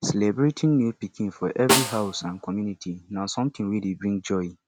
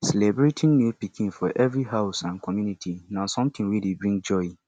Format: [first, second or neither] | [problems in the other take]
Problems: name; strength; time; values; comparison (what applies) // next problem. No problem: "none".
second | background sound (Snare drum); 4 dB below the speech